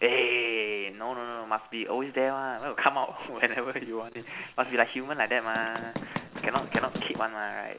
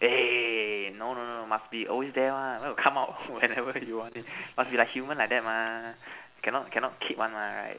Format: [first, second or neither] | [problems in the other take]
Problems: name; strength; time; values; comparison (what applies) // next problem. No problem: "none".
second | background sound (Run); 6 dB below the speech